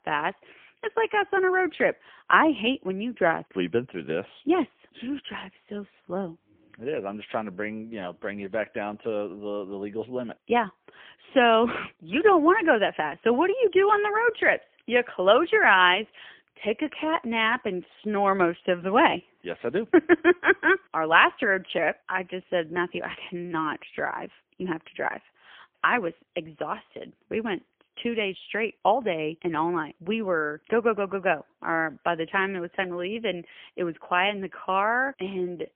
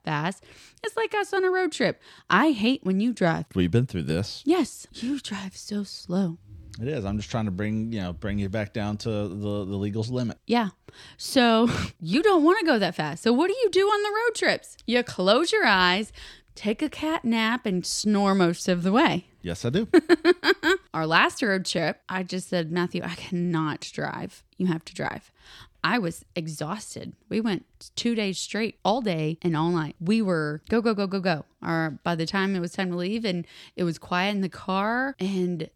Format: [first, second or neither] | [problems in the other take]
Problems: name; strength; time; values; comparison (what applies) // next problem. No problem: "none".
second | phone-call audio; poor line; nothing above 3 kHz